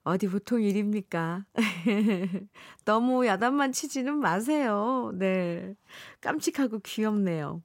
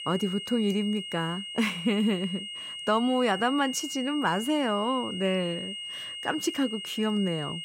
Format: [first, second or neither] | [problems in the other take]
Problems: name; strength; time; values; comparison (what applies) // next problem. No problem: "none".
first | high-pitched whine; loud; throughout; 3 kHz, 7 dB below the speech